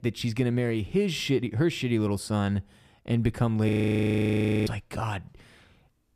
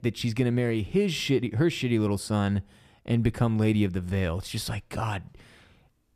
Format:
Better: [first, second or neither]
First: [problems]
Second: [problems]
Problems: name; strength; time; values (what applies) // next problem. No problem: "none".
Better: second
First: audio freezing; at 3.5 s for 1 s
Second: none